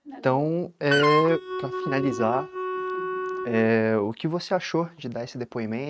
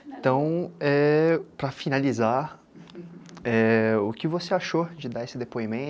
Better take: second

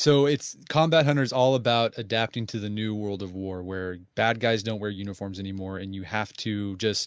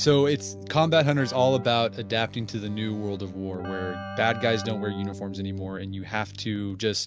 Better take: first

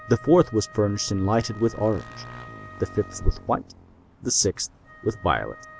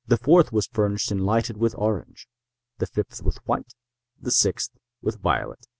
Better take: second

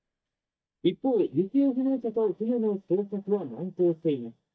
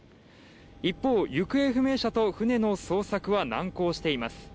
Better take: second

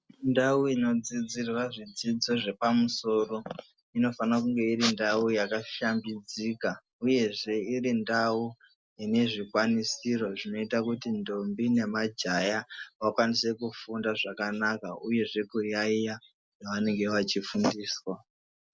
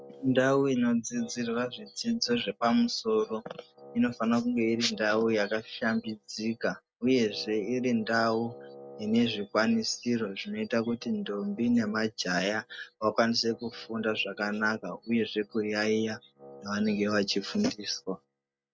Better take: first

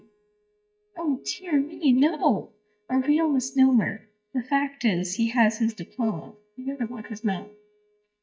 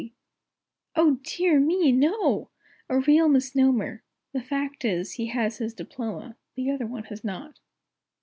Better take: second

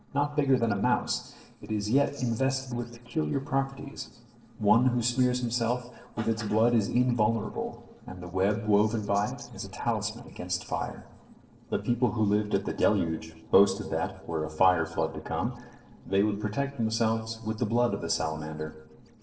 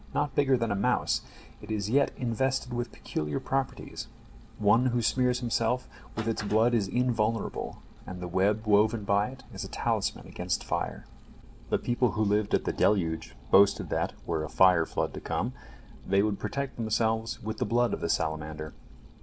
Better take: second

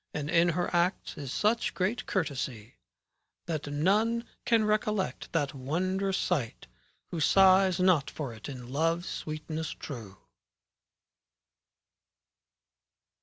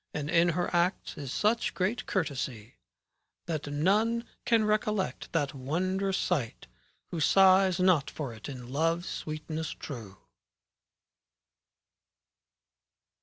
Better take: second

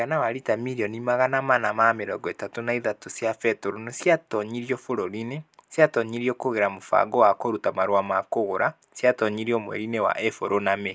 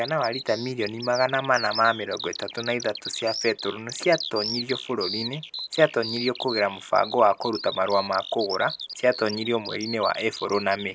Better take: first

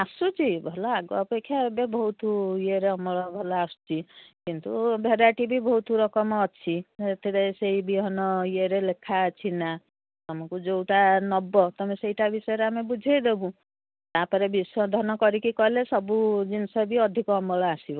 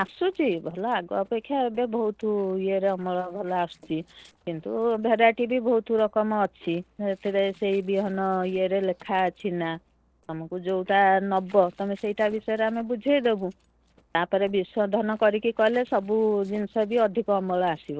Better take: first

